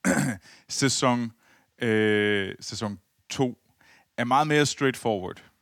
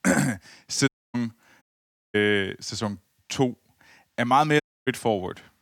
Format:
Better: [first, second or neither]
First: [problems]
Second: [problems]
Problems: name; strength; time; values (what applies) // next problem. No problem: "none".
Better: first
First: none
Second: audio cutting out; at 1 s, at 1.5 s for 0.5 s and at 4.5 s